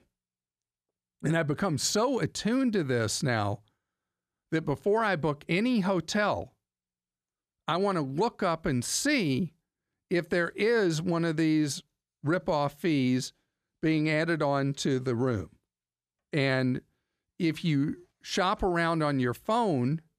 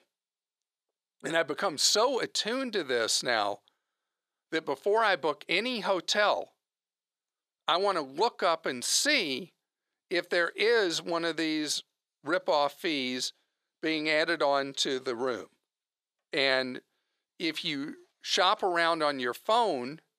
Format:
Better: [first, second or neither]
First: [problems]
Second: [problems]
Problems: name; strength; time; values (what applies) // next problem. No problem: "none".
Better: first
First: none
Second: thin; somewhat; fading below 500 Hz